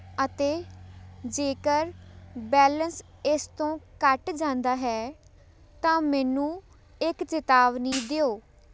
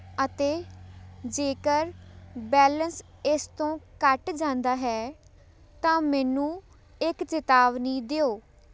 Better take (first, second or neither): second